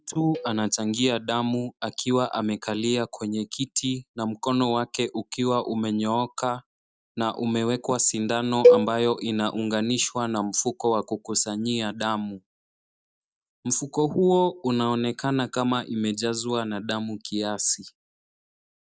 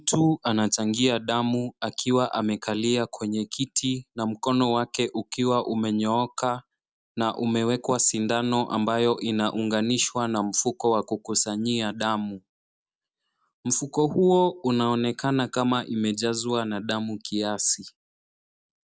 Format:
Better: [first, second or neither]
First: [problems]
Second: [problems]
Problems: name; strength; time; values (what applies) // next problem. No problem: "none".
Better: second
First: noise reduction (neural mask model DeepFilterNet 3)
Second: none